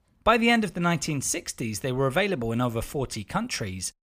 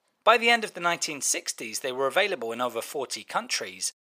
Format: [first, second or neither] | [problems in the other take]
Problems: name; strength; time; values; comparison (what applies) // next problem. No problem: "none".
first | thin; very; fading below 550 Hz